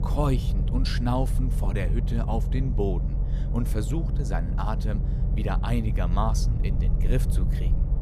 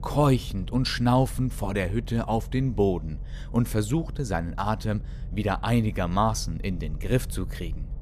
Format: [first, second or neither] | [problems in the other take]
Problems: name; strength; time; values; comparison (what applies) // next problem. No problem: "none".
second | low rumble; loud; throughout; 8 dB below the speech; faint in the second